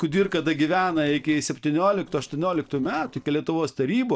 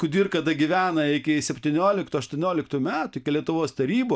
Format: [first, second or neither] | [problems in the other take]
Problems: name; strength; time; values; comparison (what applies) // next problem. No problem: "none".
second | noise reduction (neural separator model SepFormer DNS4)